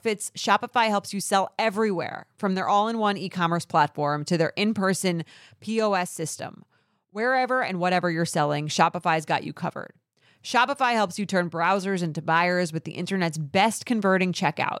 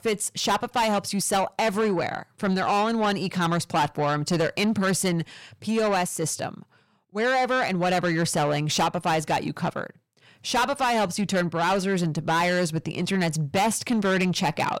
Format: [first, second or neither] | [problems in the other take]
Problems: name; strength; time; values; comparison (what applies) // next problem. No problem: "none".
first | distortion; heavy; 8 dB below the speech